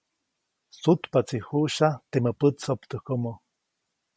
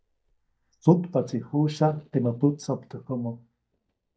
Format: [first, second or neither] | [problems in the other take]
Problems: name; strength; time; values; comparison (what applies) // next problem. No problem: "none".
first | noise reduction (neural mask model DeepFilterNet 3)